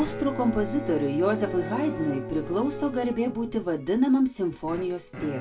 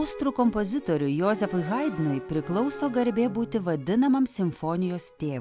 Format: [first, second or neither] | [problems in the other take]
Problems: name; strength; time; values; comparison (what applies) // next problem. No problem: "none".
second | background sound (Bowed string instrument); 12 dB below the speech // room echo; dies away in 0.2 s